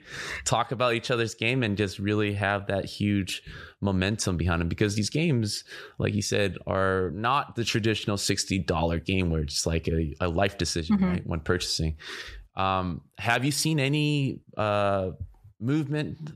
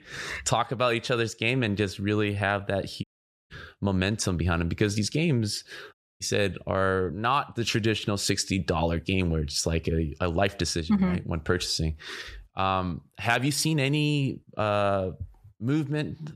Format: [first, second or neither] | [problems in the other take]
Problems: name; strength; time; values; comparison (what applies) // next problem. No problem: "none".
first | audio cutting out; at 3 s and at 6 s